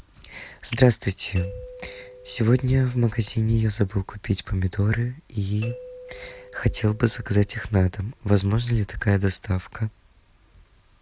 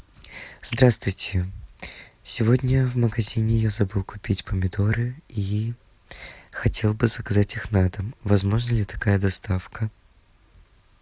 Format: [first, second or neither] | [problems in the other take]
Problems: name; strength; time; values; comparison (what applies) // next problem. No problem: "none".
second | background sound (Doorbell); 19 dB below the speech